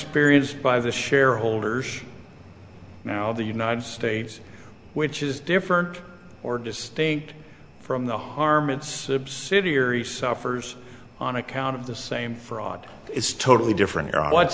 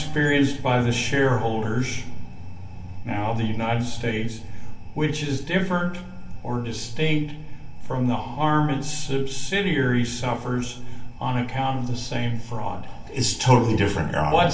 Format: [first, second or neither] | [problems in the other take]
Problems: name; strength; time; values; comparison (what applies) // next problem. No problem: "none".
first | room echo; dies away in 0.3 s